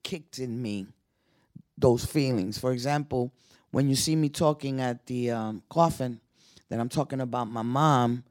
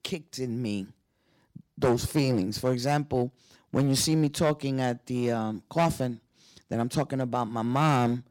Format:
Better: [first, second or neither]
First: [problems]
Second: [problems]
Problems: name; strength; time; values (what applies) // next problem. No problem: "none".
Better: first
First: none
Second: distortion; slight; 6% of the sound clipped